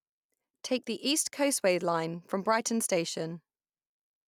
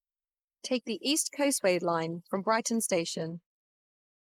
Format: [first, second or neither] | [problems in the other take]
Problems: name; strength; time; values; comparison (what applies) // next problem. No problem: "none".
first | noise reduction (neural mask model Resemble Enhance denoiser)